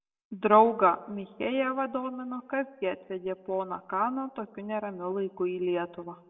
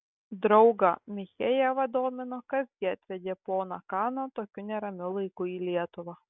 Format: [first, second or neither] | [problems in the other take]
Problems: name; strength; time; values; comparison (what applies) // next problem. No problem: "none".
second | room echo; dies away in 1.3 s